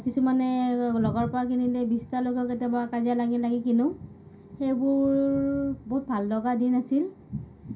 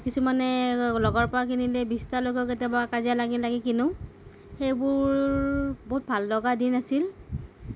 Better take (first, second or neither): second